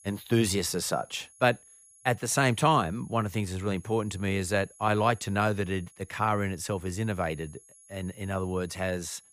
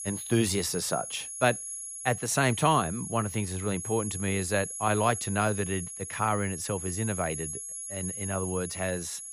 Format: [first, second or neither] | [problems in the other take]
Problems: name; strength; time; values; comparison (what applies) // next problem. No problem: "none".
first | high-pitched whine; loud; throughout; 11 kHz, 6 dB below the speech; faint in the first